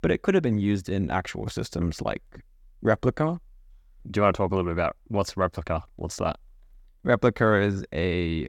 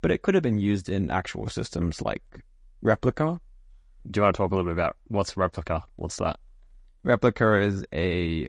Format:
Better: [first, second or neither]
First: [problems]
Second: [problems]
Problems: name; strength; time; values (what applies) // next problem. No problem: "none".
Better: first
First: none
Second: garbled, watery; slightly; nothing above 8.5 kHz